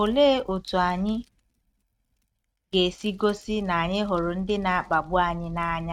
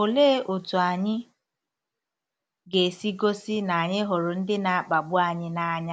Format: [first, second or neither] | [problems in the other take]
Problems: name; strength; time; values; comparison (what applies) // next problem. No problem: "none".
second | noise reduction (neural mask model RNNoise)